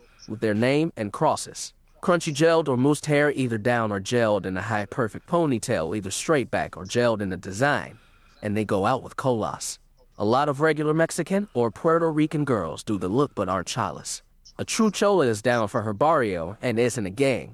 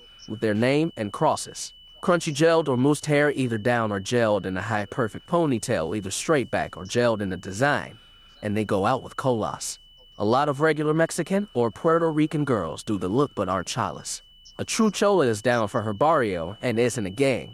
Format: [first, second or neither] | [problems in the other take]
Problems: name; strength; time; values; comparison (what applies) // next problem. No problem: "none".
first | high-pitched whine; faint; throughout; 3 kHz, 25 dB below the speech